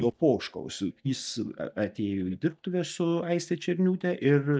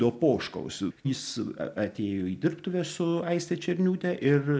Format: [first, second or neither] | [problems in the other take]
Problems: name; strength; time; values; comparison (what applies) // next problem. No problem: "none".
second | noise reduction (neural mask model DeepFilterNet 3)